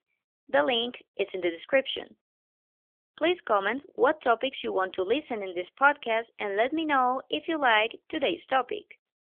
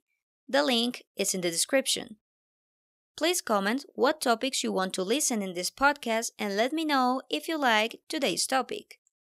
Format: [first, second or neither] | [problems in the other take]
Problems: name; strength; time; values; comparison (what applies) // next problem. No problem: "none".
second | phone-call audio; nothing above 3.5 kHz